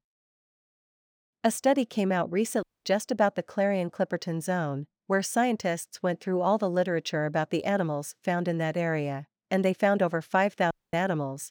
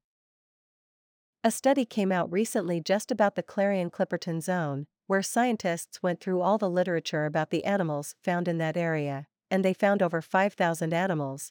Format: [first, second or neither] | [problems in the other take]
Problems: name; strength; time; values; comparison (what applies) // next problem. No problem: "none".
second | audio cutting out; at 2.5 s and at 11 s